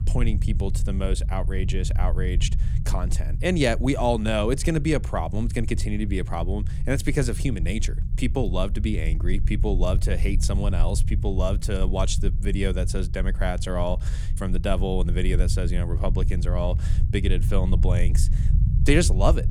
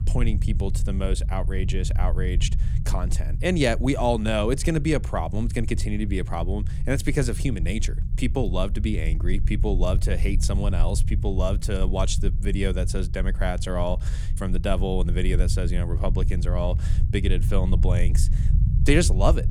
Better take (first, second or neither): neither